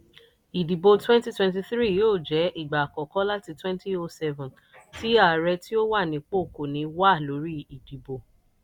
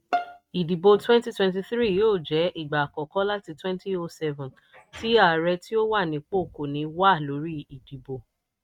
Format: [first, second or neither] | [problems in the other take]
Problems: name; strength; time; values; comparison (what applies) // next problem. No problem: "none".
first | noise reduction (neural mask model RNNoise)